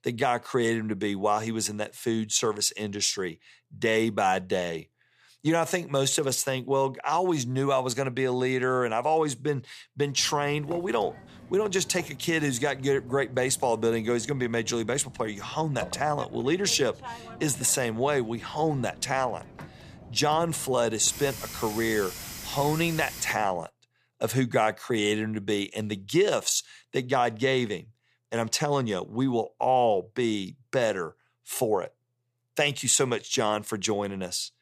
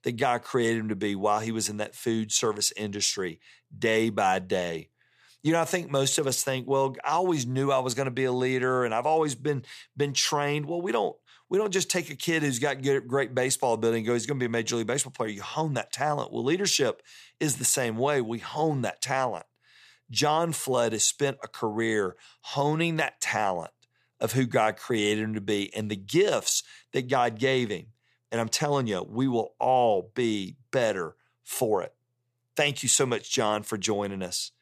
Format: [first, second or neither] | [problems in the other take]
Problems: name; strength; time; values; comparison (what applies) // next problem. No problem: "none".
second | hiss; noticeable; from 10 to 24 s; 15 dB below the speech